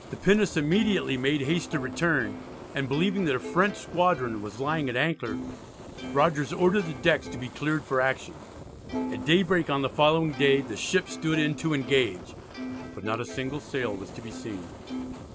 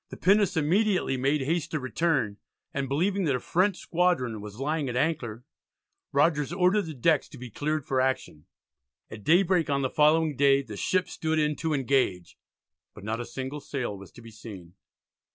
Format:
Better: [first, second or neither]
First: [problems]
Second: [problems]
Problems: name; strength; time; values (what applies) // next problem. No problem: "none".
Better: second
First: background sound (Plucked string instrument + Fire); 11 dB below the speech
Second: none